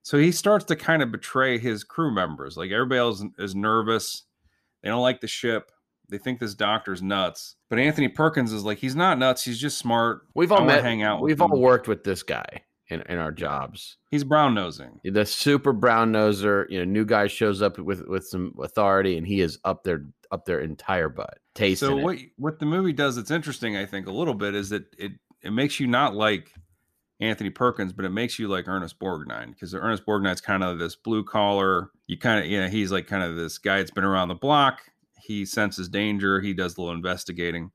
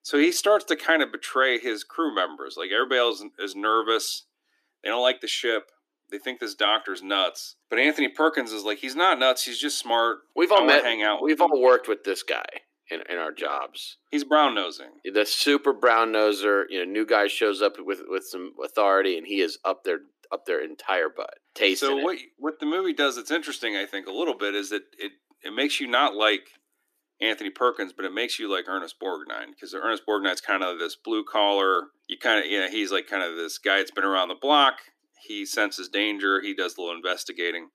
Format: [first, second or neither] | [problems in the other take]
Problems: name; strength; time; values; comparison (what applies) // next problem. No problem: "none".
first | thin; somewhat; fading below 300 Hz